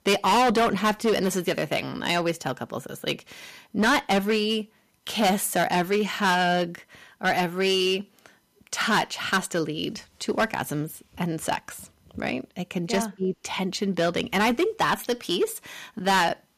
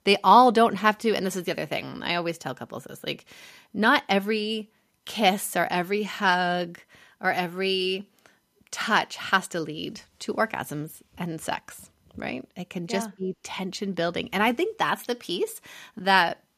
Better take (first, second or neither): second